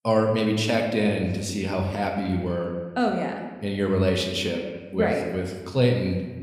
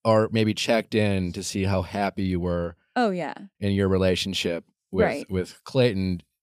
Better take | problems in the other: second | room echo; slight; dies away in 1.1 s

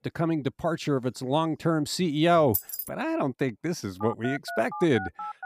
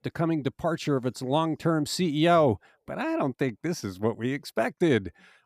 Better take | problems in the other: second | jangling keys; noticeable; at 2.5 s; peak 3 dB below the speech // phone ringing; noticeable; from 4 s on; peak 9 dB below the speech

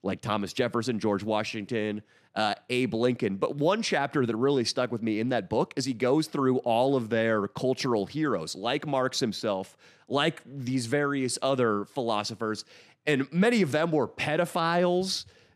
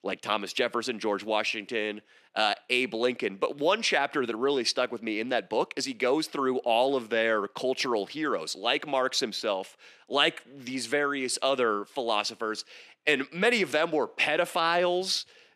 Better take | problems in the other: first | thin; somewhat; fading below 350 Hz

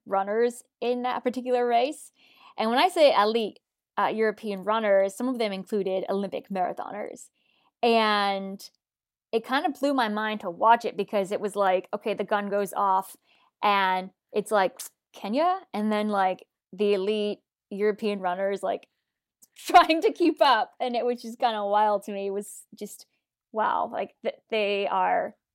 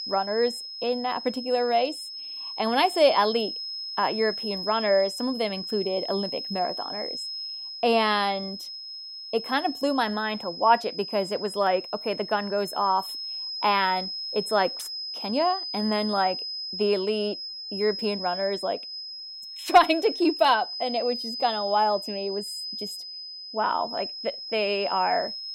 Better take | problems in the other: first | high-pitched whine; loud; throughout; 5 kHz, 7 dB below the speech

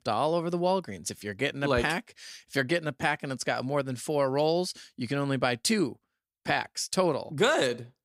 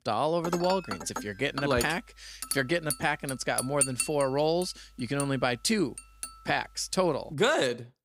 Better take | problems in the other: first | clattering dishes; loud; until 6.5 s; peak 2 dB above the speech

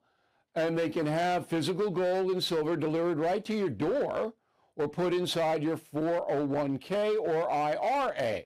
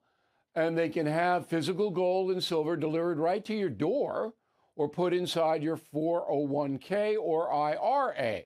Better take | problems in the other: second | distortion; slight; 16% of the sound clipped

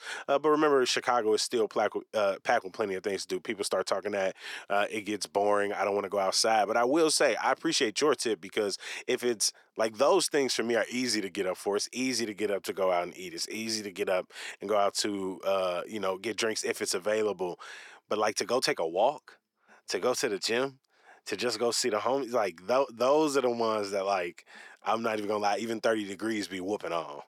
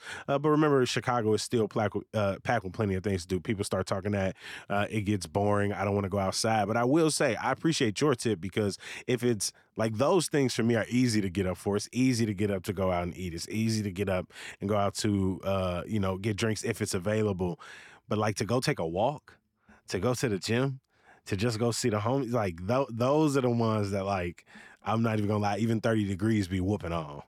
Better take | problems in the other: second | thin; somewhat; fading below 450 Hz

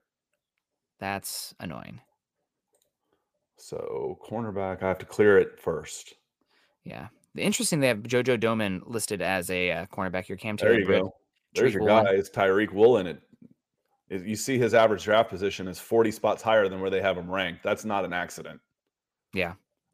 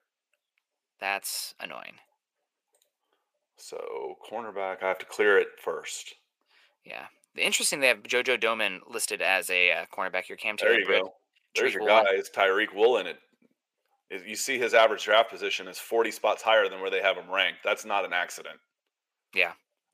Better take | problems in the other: first | thin; somewhat; fading below 550 Hz

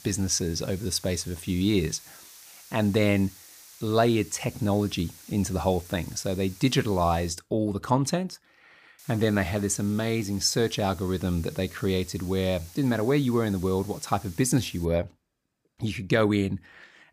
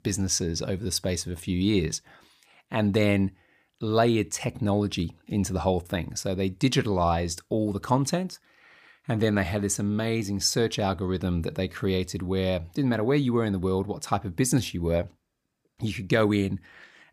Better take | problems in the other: second | hiss; noticeable; until 7.5 s and from 9 to 15 s; 20 dB below the speech

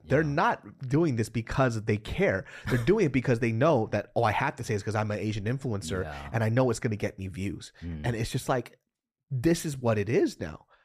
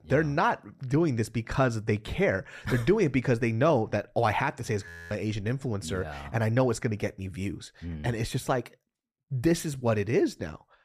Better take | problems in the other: first | audio freezing; at 5 s

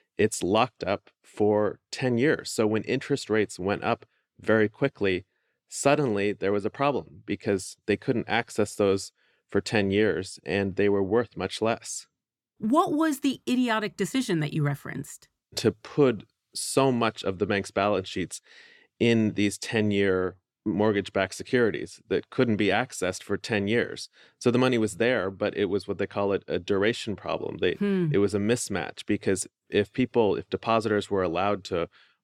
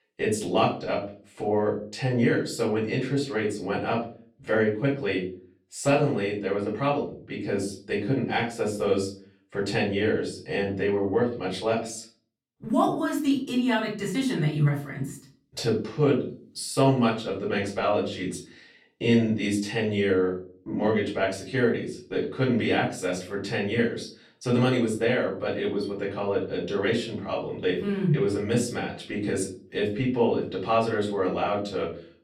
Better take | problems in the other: first | room echo; slight; dies away in 0.4 s // off-mic speech; far

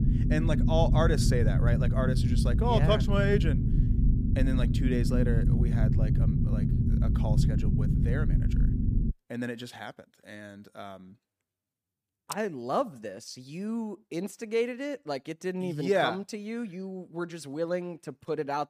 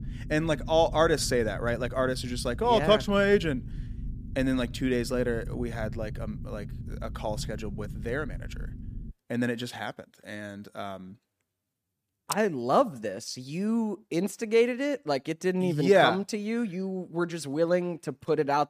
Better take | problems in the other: second | low rumble; loud; until 9 s; 5 dB below the speech; faint in the second

